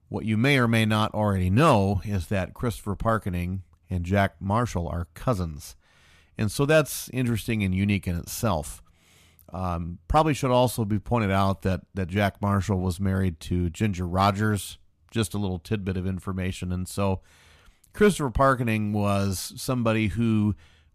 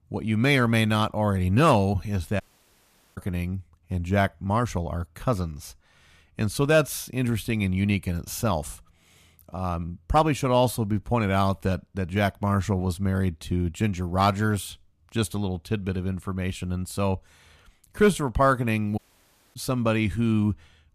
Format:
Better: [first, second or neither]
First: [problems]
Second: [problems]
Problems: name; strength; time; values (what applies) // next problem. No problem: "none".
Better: first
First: none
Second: audio cutting out; at 2.5 s for 1 s and at 19 s for 0.5 s